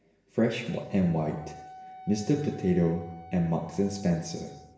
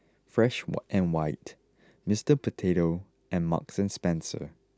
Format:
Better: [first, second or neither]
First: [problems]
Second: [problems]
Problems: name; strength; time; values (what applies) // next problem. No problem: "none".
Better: second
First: background sound (Wind instrument, woodwind instrument); 19 dB below the speech // room echo; dies away in 0.9 s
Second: none